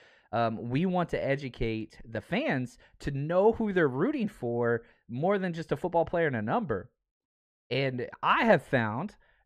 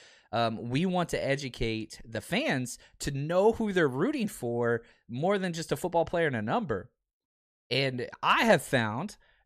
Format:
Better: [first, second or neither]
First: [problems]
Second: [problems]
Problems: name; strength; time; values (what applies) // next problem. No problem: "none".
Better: second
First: muffled; slightly; fading above 4 kHz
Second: none